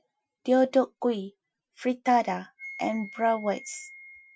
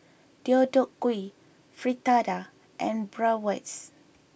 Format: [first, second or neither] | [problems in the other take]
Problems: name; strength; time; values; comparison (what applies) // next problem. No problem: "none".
second | noise reduction (classical method Wiener filter)